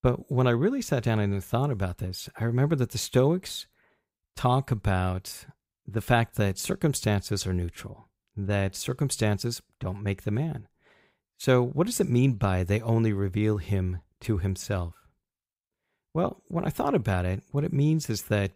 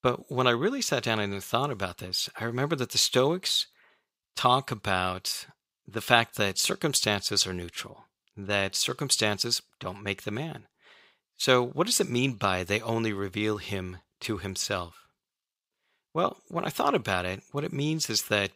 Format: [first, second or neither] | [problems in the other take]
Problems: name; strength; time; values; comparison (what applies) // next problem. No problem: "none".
first | thin; somewhat; fading below 450 Hz